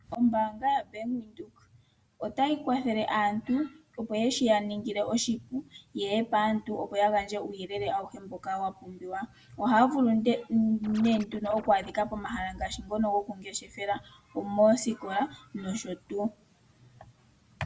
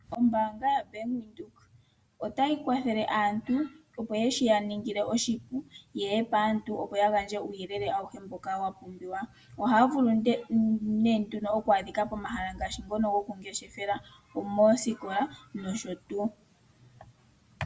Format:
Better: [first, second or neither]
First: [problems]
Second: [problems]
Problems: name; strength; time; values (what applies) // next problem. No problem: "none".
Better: second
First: background sound (Scratching (performance technique)); 18 dB below the speech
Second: none